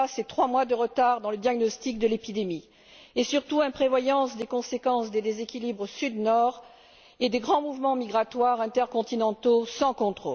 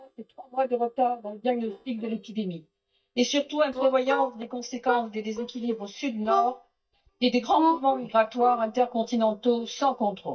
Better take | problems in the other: first | noise reduction (neural mask model DeepFilterNet 3)

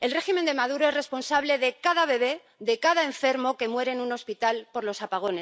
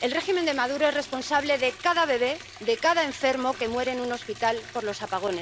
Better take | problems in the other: first | background sound (Liquid); 16 dB below the speech

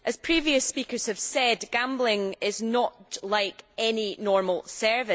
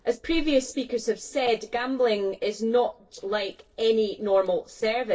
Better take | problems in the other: first | noise reduction (neural separator model SepFormer DNS4)

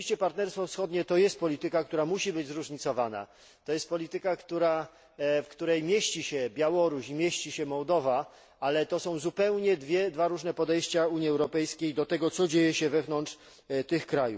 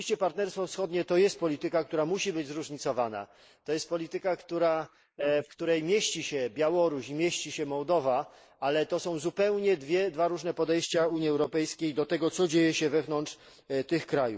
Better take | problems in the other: first | noise reduction (neural mask model Resemble Enhance denoiser)

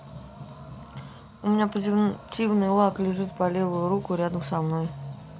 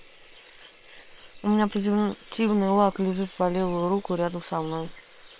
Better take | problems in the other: first | noise reduction (neural separator model SepFormer WHAM!)

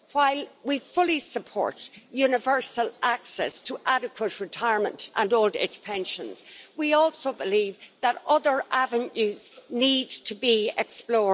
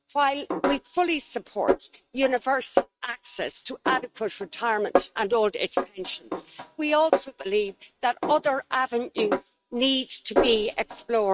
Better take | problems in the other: first | noise reduction (neural mask model RNNoise)

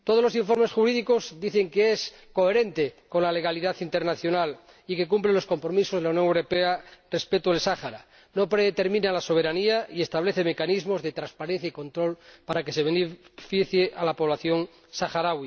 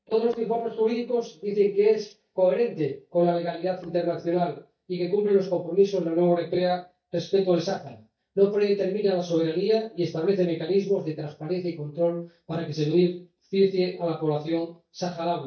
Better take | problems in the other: first | noise reduction (neural mask model DeepFilterNet 3)

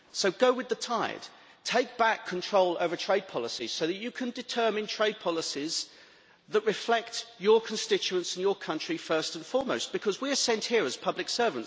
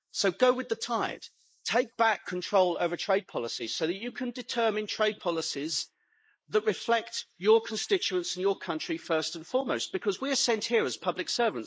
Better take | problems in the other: first | noise reduction (neural mask model Resemble Enhance denoiser)

